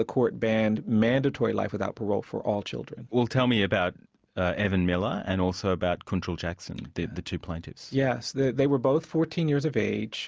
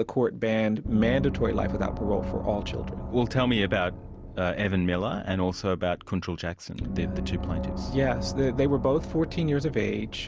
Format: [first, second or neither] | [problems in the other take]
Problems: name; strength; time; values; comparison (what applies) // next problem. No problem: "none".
first | background sound (Gong); 7 dB below the speech